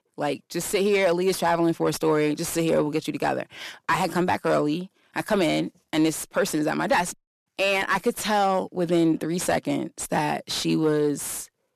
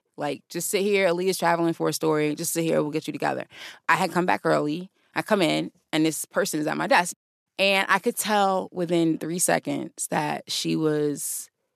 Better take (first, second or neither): second